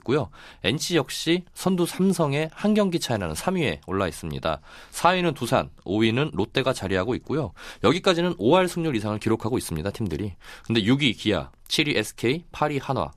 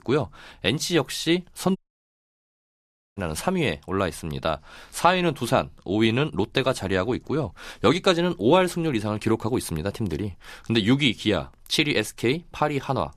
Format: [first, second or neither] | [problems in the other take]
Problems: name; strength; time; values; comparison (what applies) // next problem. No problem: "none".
first | audio cutting out; at 2 s for 1.5 s